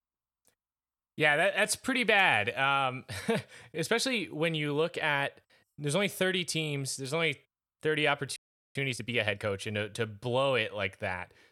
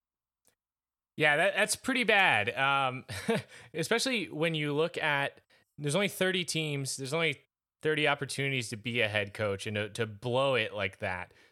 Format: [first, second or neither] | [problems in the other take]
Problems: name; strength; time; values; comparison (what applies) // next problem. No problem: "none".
second | audio freezing; at 8.5 s